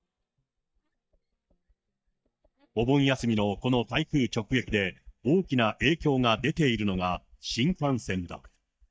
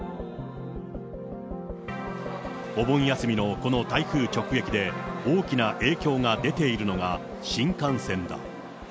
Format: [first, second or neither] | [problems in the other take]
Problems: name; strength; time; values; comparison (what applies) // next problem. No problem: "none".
second | noise reduction (neural mask model DeepFilterNet 3)